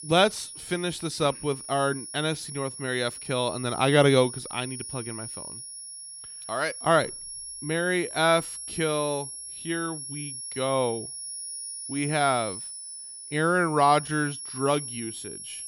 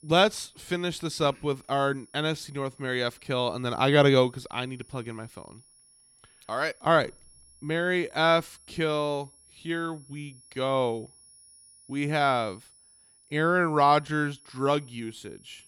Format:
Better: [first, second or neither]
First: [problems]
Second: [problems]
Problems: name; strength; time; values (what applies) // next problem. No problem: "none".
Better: second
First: high-pitched whine; loud; throughout; 10.5 kHz, 9 dB below the speech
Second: high-pitched whine; faint; throughout; 10.5 kHz, 25 dB below the speech